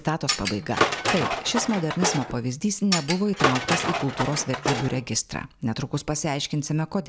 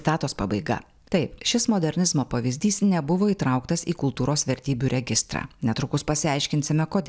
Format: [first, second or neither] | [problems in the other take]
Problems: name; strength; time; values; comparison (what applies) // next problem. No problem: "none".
second | background sound (Tools); 1 dB below the speech